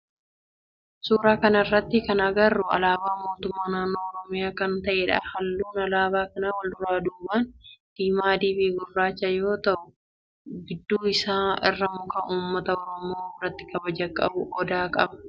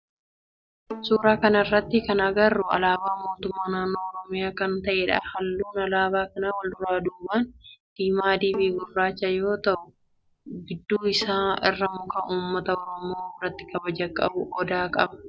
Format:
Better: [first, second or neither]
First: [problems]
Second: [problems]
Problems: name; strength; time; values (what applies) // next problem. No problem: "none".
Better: first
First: none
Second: background sound (Bowed string instrument); 18 dB below the speech